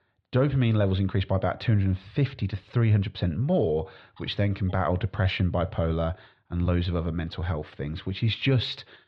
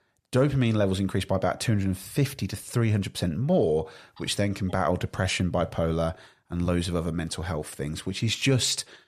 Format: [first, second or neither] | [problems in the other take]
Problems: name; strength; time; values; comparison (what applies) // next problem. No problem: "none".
second | muffled; slightly; fading above 4 kHz